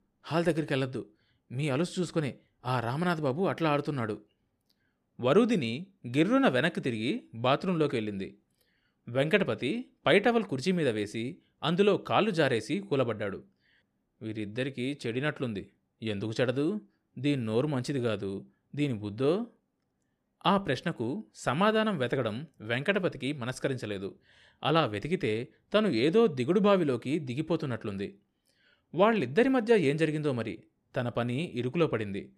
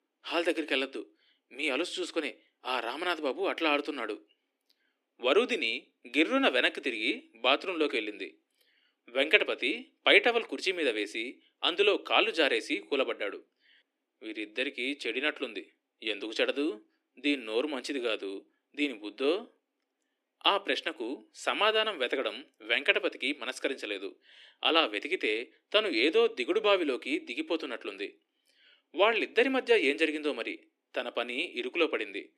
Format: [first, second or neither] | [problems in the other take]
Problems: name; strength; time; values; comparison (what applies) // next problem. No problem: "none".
first | thin; somewhat; fading below 300 Hz